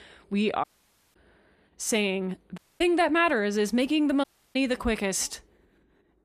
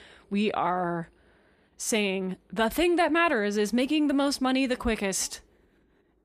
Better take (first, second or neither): second